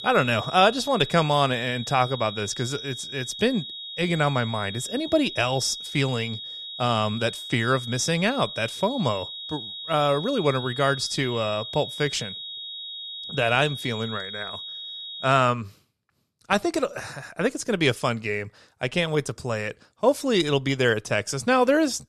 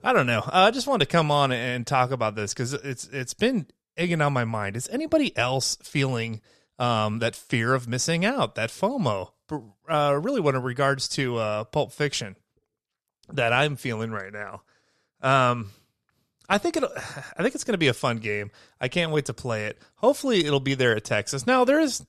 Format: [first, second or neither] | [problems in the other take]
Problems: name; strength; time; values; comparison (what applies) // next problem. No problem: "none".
second | high-pitched whine; loud; until 15 s; 4 kHz, 9 dB below the speech